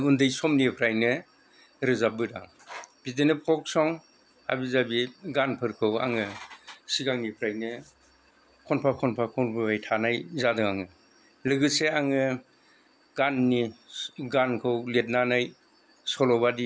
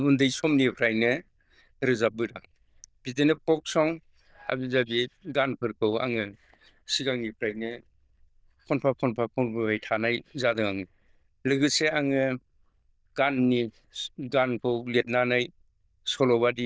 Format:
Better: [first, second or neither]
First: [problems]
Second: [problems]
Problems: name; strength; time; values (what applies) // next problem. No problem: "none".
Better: first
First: none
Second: noise reduction (neural diffusion model UNIVERSE++)